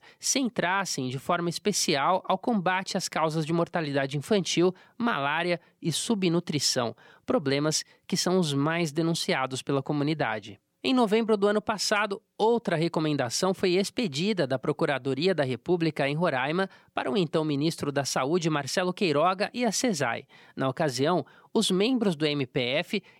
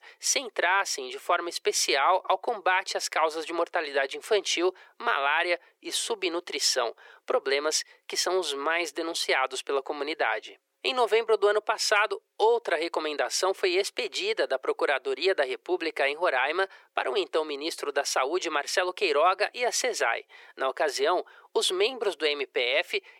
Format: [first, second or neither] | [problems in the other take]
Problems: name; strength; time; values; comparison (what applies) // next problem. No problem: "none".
first | thin; very; fading below 400 Hz